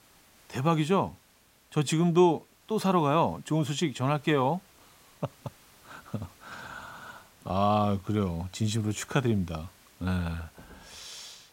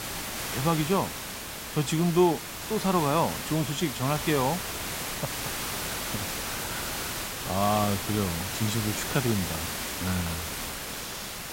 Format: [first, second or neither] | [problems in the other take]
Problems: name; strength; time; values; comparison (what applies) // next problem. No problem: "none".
first | hiss; loud; throughout; 4 dB below the speech; faint in the first